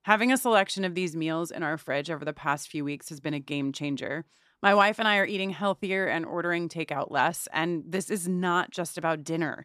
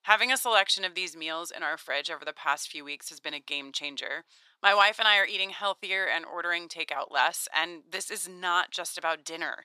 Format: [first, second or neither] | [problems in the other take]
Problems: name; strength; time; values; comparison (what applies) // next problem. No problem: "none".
first | thin; very; fading below 750 Hz